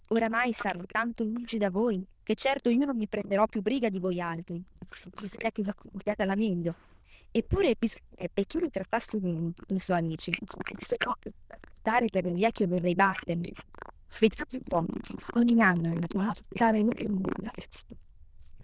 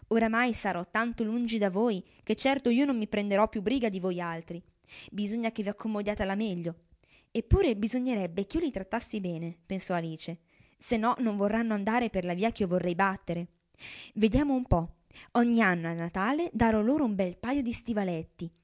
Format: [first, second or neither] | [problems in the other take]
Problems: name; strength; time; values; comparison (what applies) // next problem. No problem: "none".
second | noise reduction (neural diffusion model UNIVERSE++)